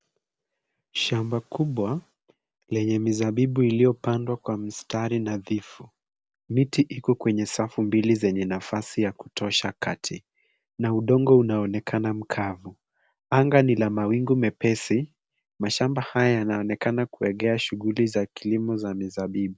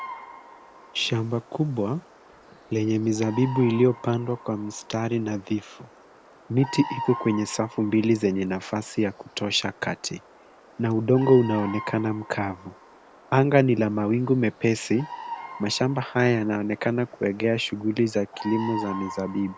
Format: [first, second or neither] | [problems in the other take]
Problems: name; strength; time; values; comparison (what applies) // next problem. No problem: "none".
first | background sound (Bird vocalization, bird call, bird song); 16 dB below the speech